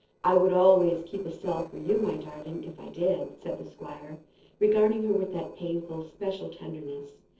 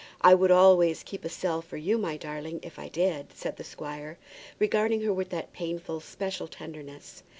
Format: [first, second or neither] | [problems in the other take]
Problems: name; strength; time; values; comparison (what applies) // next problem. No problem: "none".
second | noise reduction (neural separator model SepFormer DNS4)